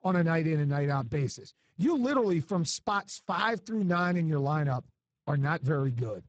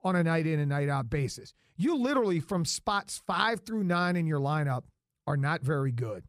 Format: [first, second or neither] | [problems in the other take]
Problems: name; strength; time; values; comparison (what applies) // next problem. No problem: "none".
second | garbled, watery; badly; nothing above 8 kHz